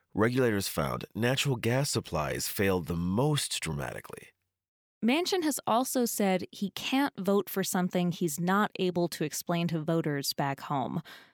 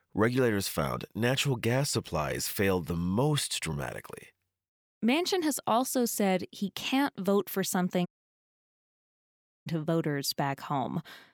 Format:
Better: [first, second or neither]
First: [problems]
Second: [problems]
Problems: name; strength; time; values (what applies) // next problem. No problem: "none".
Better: first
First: none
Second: audio cutting out; at 8 s for 1.5 s